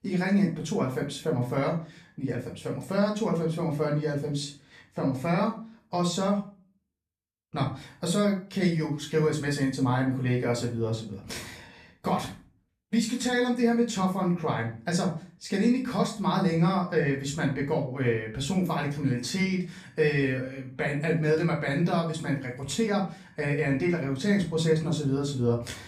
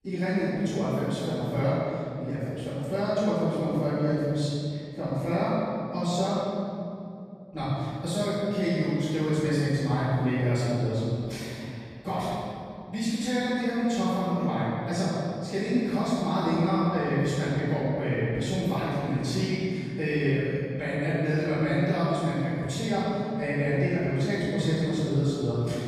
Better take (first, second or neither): first